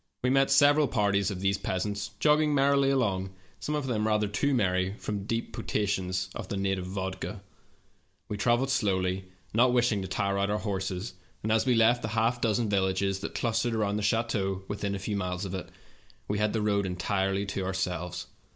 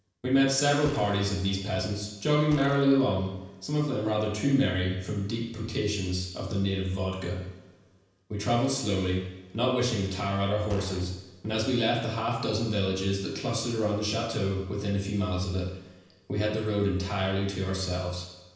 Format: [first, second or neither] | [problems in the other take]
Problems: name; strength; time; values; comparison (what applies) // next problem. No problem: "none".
first | background sound (Gunshot, gunfire); 16 dB below the speech // room echo; dies away in 0.9 s